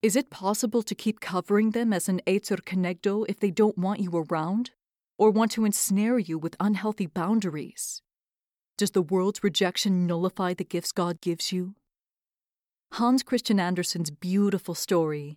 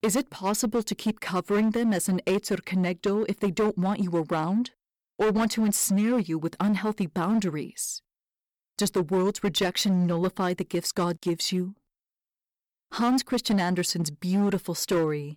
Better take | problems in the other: first | distortion; slight; 10% of the sound clipped

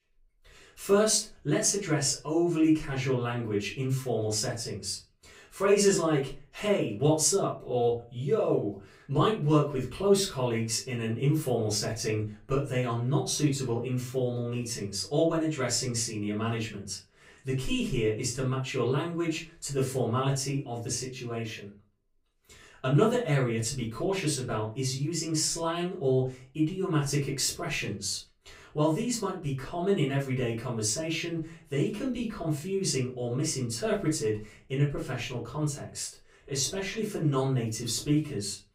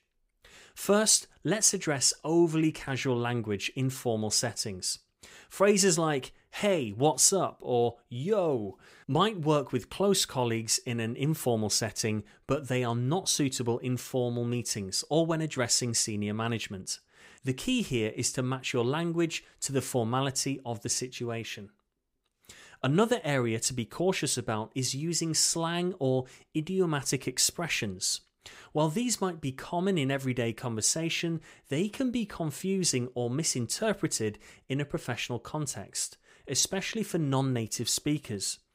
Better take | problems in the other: second | off-mic speech; far // room echo; slight; dies away in 0.3 s

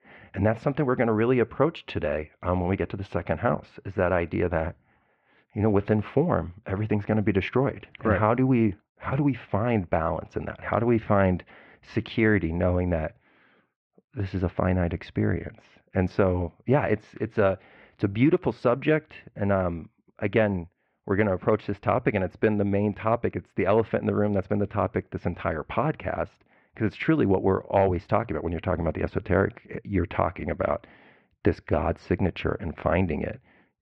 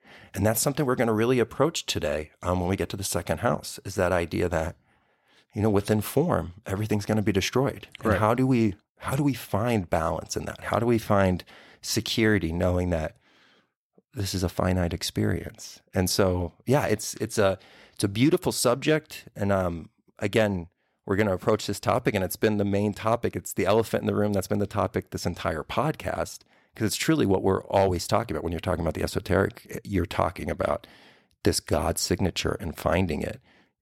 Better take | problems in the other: second | muffled; very; fading above 2.5 kHz

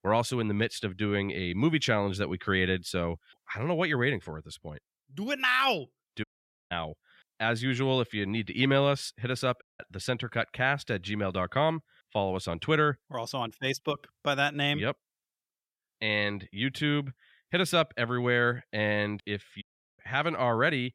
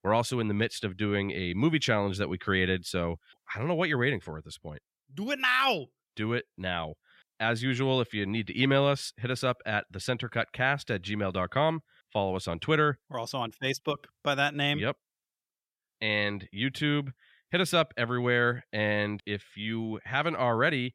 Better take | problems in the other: second | audio cutting out; at 6 s, at 9.5 s and at 20 s

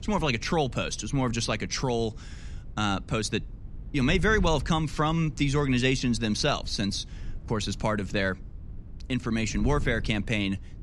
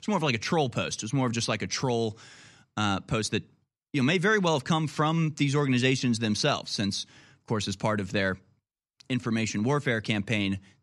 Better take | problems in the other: second | wind noise on the microphone; occasional gusts; 25 dB below the speech

